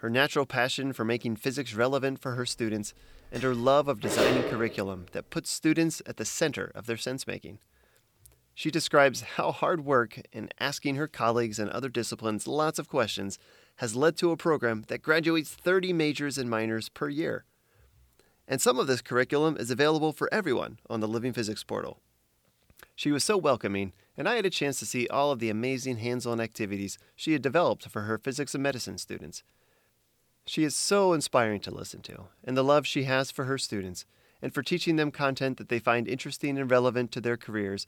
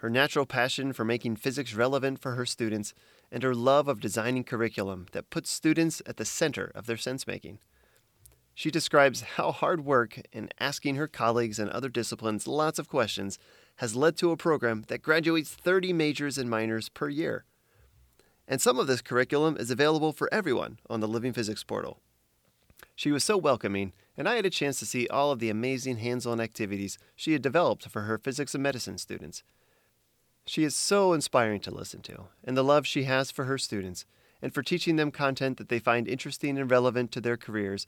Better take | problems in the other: second | phone ringing; loud; at 4 s; peak 3 dB above the speech

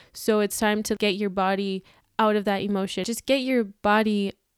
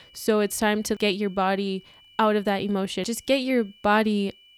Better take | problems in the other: first | high-pitched whine; faint; throughout; 3 kHz, 25 dB below the speech

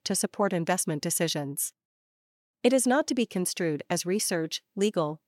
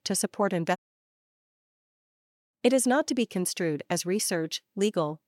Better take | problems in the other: first | audio cutting out; at 1 s for 1.5 s

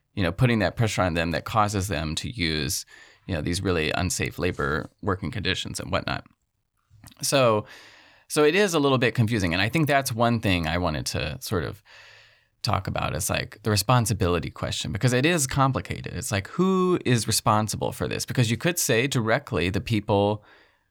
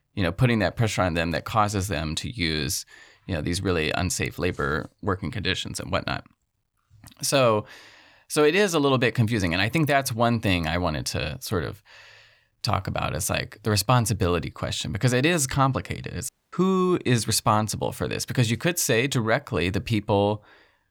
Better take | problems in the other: first | audio cutting out; at 16 s

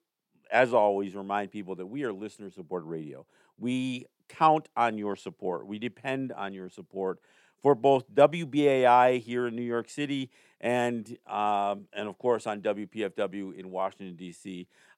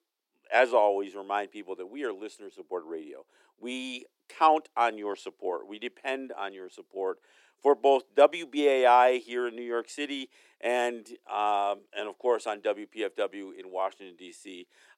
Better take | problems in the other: first | thin; somewhat; fading below 300 Hz

